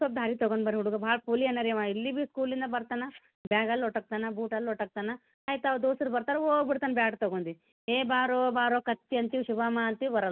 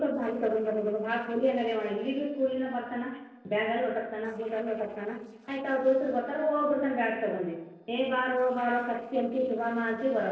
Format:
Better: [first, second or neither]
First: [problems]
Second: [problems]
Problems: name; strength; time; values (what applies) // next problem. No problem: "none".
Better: first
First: none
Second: noise reduction (neural separator model SepFormer DNS4)